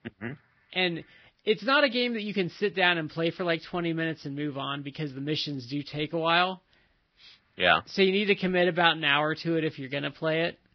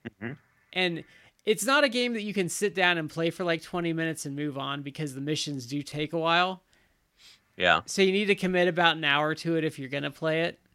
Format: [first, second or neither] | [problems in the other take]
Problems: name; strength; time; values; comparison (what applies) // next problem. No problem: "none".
second | garbled, watery; badly; nothing above 5.5 kHz